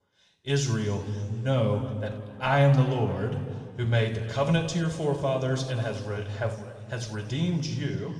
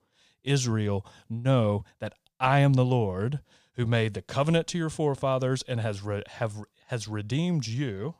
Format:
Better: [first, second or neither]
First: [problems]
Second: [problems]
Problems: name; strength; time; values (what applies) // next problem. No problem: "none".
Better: second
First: room echo; noticeable; dies away in 2 s // off-mic speech; somewhat distant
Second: none